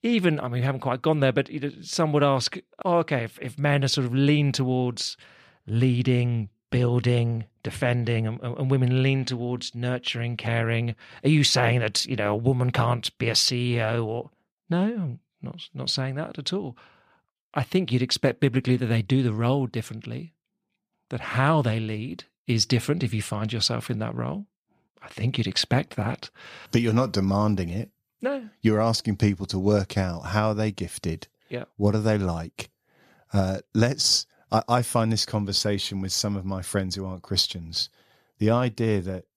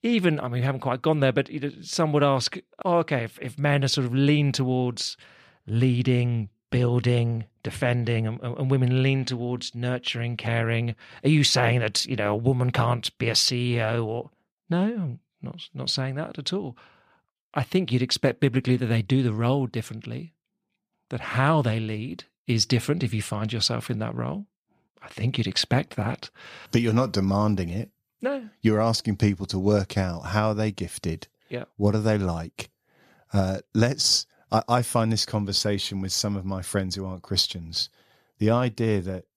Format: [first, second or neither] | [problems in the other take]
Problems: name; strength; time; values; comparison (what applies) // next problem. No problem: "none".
neither | none